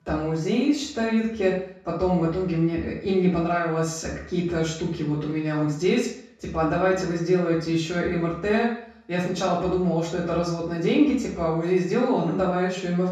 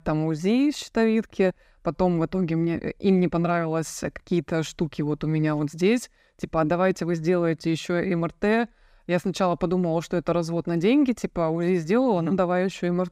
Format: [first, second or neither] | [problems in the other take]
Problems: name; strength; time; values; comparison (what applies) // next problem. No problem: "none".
second | room echo; noticeable; dies away in 0.5 s // off-mic speech; far